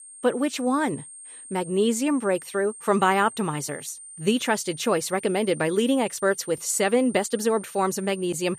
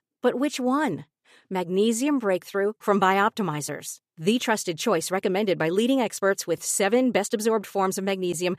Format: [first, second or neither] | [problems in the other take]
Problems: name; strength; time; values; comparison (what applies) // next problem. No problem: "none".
second | high-pitched whine; noticeable; throughout; 9 kHz, 15 dB below the speech